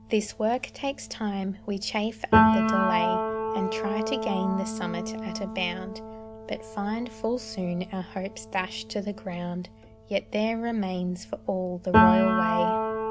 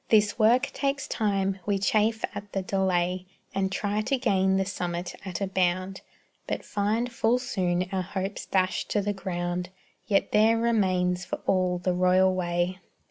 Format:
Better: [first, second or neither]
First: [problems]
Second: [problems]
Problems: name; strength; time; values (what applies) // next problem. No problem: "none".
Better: second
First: background sound (Piano); 2 dB above the speech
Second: none